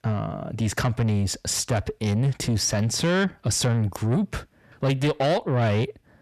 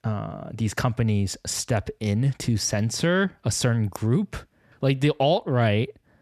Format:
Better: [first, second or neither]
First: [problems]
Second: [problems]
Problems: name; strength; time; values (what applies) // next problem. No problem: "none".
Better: second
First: distortion; slight; 10 dB below the speech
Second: none